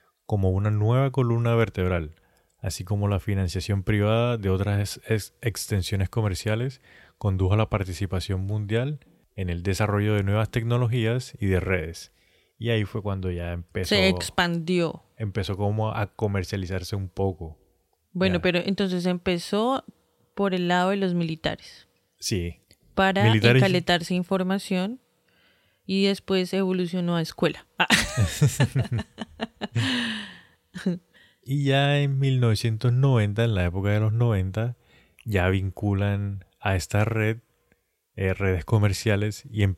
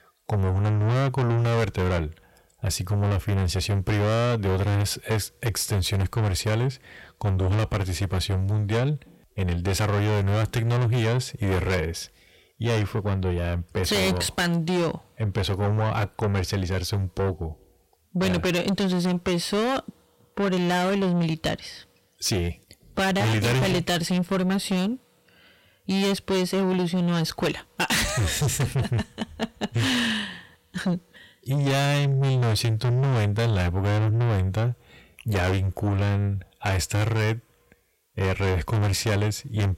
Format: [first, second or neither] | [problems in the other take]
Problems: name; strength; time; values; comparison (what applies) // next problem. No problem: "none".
first | distortion; heavy; 6 dB below the speech